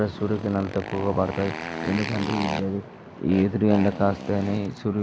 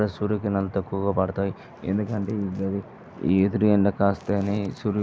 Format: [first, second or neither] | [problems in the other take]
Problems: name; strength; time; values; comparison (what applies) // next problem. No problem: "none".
second | background sound (Motorcycle); 9 dB below the speech